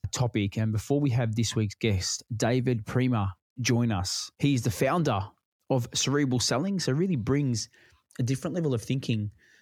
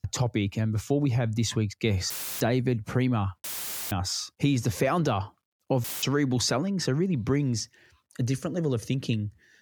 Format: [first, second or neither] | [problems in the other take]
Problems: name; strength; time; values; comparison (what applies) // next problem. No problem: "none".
first | audio cutting out; filled with static; at 2 s, at 3.5 s and at 6 s